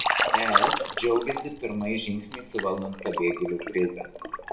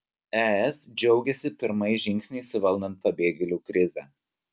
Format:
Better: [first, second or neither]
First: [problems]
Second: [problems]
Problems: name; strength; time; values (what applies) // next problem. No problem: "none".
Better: second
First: background sound (Liquid); as loud as the speech // room echo; dies away in 0.5 s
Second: none